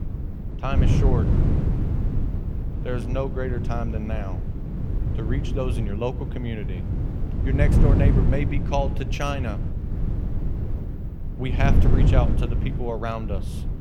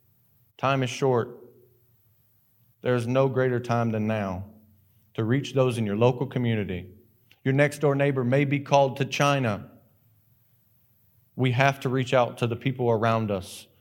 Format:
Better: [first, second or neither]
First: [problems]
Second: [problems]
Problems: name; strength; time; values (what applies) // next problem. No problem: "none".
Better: second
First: wind noise on the microphone; heavy; 5 dB below the speech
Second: none